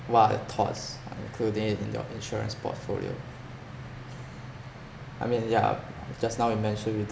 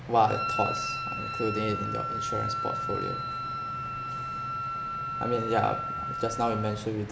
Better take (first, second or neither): first